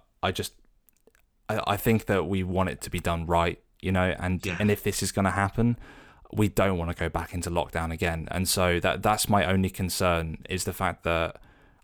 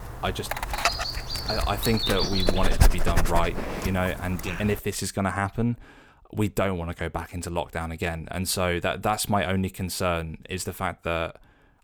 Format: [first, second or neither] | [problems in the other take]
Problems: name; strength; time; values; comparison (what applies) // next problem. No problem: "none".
first | dog barking; loud; from 0.5 to 4 s; peak 5 dB above the speech